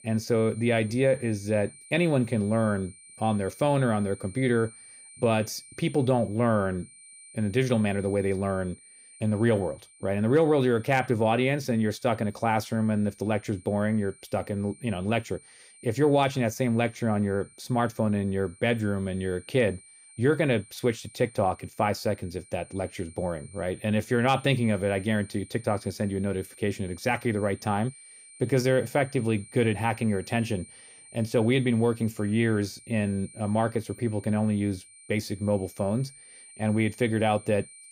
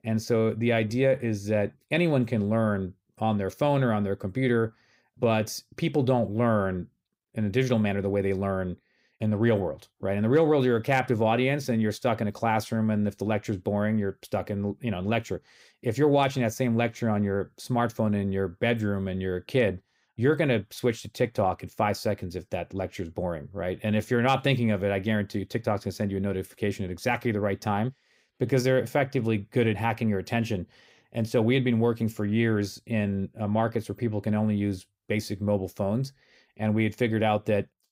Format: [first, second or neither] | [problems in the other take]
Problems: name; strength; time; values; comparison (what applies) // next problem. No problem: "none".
second | high-pitched whine; faint; throughout; 9 kHz, 20 dB below the speech